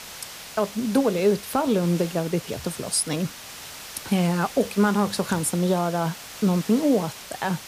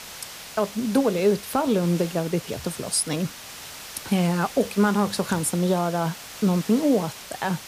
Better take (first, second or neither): neither